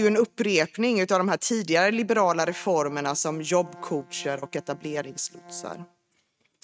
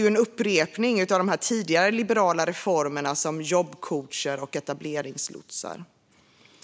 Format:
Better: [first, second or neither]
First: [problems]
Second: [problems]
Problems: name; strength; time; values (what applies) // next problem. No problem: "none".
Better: second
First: noise reduction (neural mask model RNNoise)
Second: none